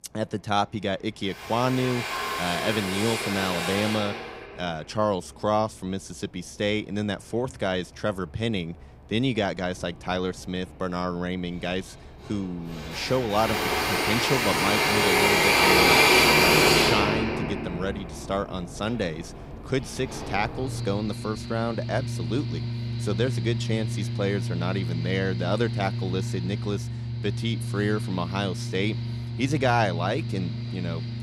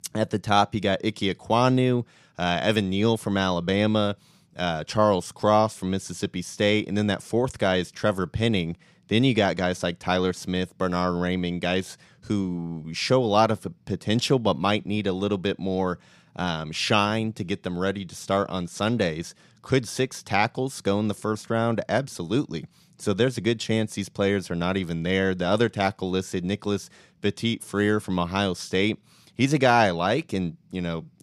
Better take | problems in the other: second | machinery noise; very loud; throughout; 4 dB above the speech

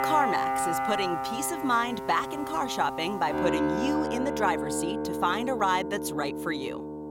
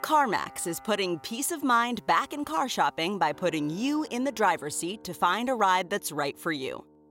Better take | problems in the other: second | background music; loud; throughout; 2 dB below the speech; faint in the second

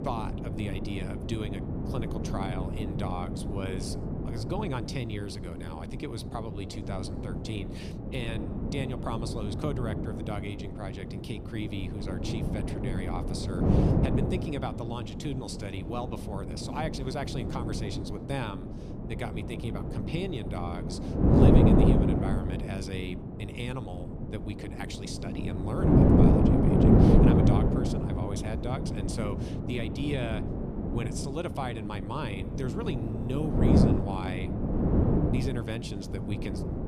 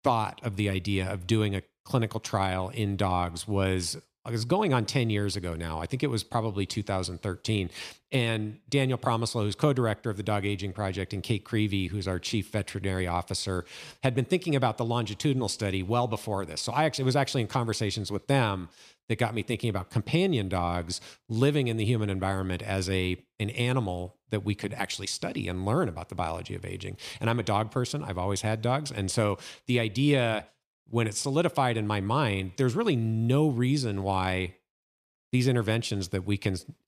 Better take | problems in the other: second | wind noise on the microphone; heavy; 4 dB above the speech

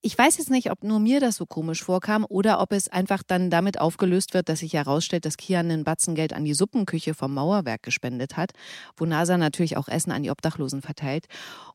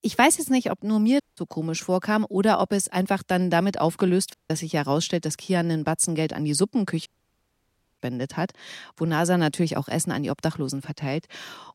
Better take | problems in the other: first | audio cutting out; at 1 s, at 4.5 s and at 7 s for 1 s

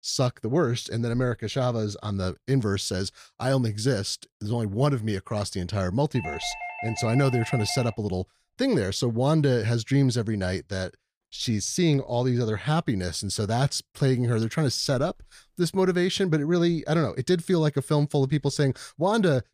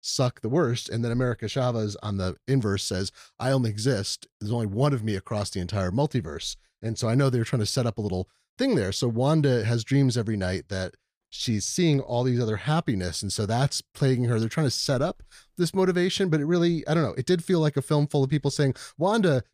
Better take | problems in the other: second | doorbell; noticeable; from 6 to 8 s; peak 8 dB below the speech

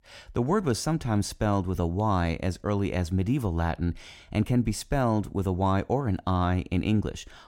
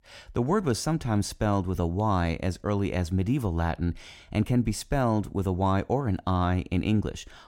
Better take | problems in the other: neither | none

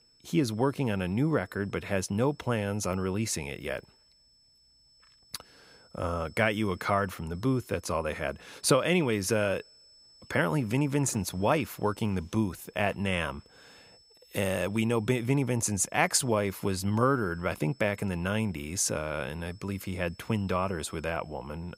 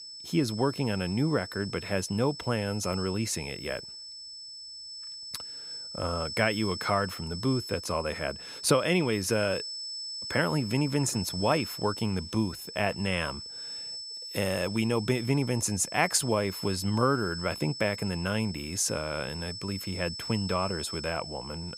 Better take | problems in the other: first | high-pitched whine; loud; throughout; 5.5 kHz, 8 dB below the speech; faint in the first

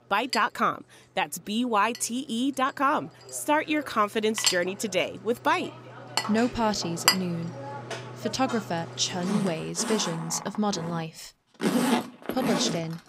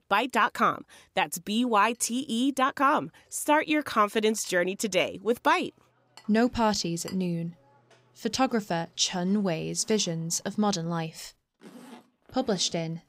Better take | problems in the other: second | household noises; loud; throughout; 3 dB below the speech; faint in the second

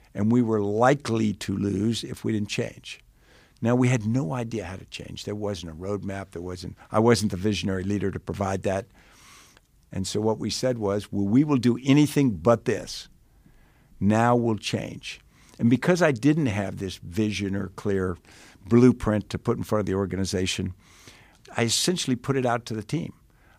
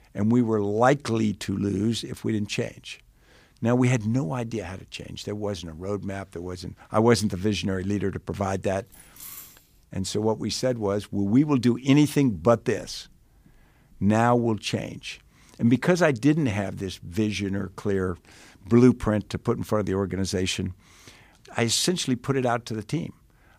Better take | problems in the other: first | jangling keys; faint; at 9 s; peak 15 dB below the speech

